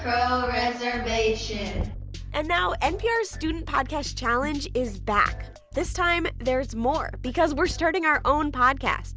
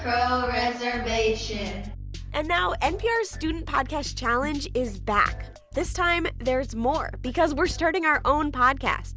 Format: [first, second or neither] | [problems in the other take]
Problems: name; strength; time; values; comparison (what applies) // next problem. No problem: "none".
second | background sound (Knock / Wood); 13 dB below the speech